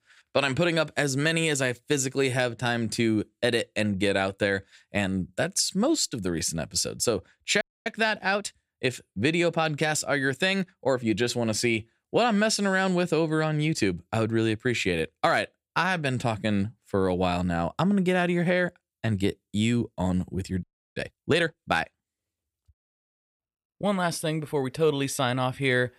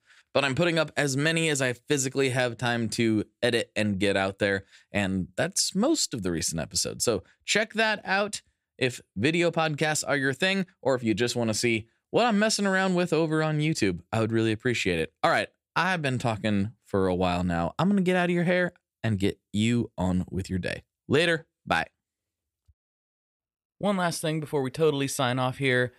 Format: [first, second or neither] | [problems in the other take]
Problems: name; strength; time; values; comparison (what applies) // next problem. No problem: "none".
second | audio freezing; at 7.5 s and at 21 s